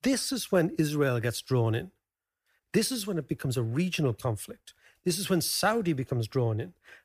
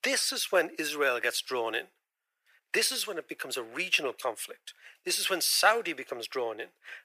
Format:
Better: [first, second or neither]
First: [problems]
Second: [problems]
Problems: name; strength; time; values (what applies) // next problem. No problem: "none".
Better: first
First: none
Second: thin; very; fading below 500 Hz